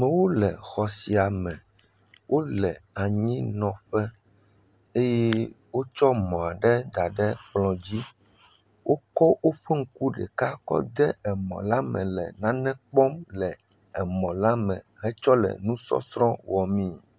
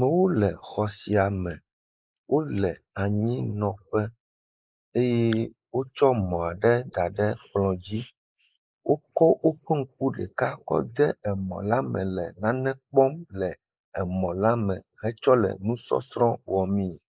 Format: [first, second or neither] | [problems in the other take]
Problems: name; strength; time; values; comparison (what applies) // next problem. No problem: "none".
first | noise reduction (neural mask model Resemble Enhance denoiser)